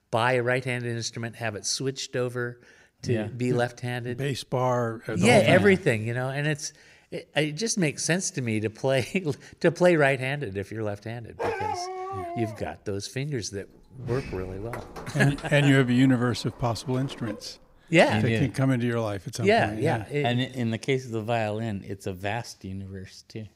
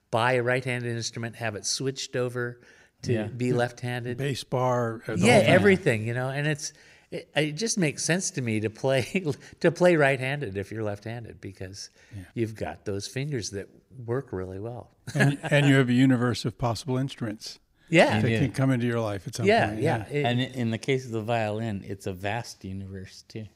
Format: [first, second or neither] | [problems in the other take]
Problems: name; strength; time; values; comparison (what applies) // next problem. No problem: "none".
second | dog barking; noticeable; from 11 to 13 s; peak 3 dB below the speech // door banging; faint; from 14 to 18 s; peak 10 dB below the speech